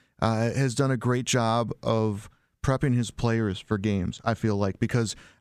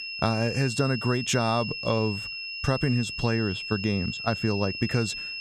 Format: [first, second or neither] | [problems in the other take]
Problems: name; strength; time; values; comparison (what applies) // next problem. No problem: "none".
first | high-pitched whine; loud; throughout; 2.5 kHz, 5 dB below the speech